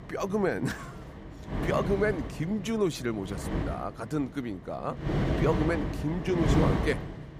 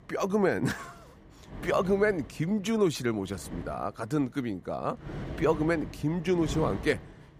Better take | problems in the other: second | wind noise on the microphone; heavy; 3 dB below the speech; occasional gusts in the second

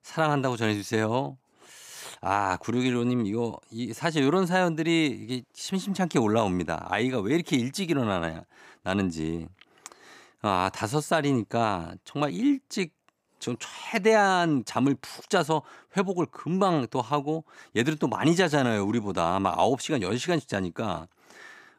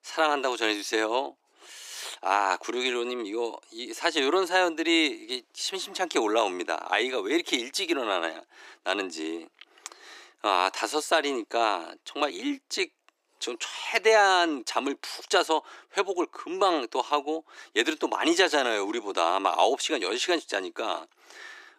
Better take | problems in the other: first | thin; somewhat; fading below 350 Hz

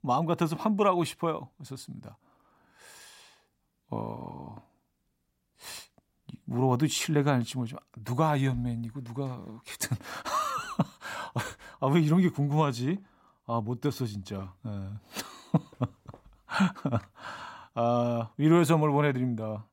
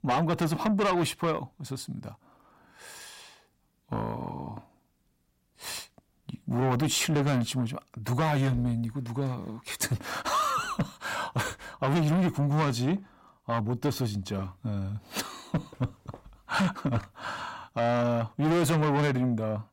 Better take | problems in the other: first | distortion; heavy; 6 dB below the speech

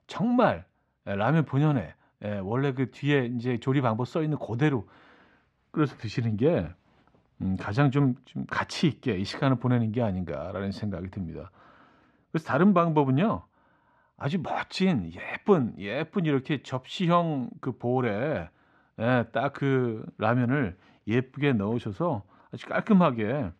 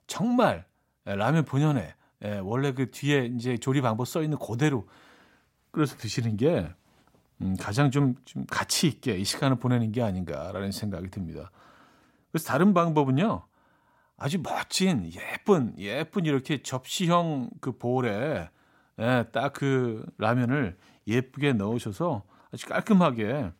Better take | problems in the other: second | muffled; slightly; fading above 3 kHz

